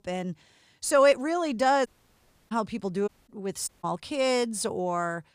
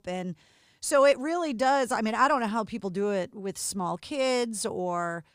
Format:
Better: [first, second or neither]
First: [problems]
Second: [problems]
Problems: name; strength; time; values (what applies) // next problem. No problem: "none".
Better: second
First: audio cutting out; at 2 s for 0.5 s, at 3 s and at 3.5 s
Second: none